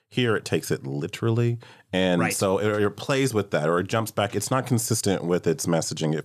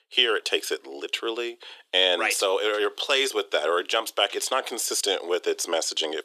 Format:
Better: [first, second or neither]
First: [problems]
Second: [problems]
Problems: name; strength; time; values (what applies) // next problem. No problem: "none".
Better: first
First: none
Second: thin; very; fading below 350 Hz